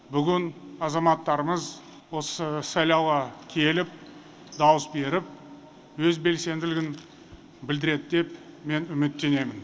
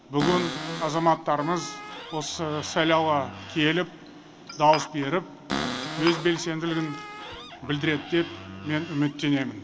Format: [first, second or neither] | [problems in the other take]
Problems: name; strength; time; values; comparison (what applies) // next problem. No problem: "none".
first | background sound (Cupboard open or close + Glass); 9 dB below the speech